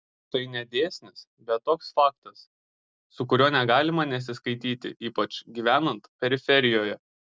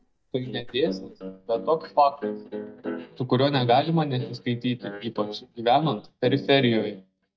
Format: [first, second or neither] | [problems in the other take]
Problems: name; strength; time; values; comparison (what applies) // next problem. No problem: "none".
first | noise reduction (neural mask model DeepFilterNet 3)